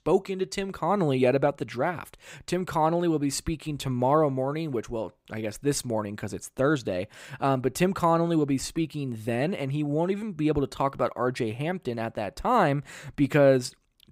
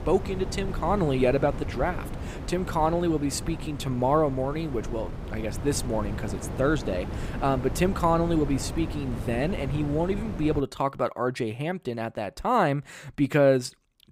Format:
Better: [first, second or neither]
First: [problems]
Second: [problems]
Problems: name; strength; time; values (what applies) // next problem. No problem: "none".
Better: first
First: none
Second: wind noise on the microphone; occasional gusts; until 11 s; 15 dB below the speech